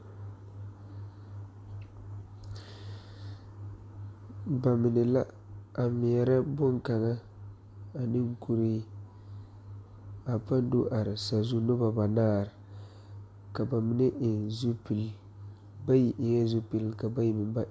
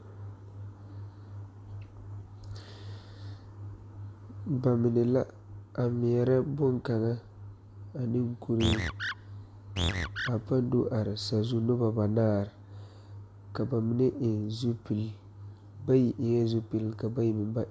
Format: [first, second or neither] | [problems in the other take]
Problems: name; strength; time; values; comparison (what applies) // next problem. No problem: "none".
first | background sound (Animal); 3 dB below the speech